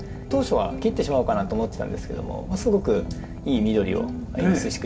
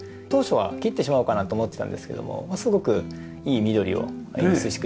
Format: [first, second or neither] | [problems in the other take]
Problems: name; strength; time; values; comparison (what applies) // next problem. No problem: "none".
second | background sound (Fire); 10 dB below the speech // room echo; dies away in 1.9 s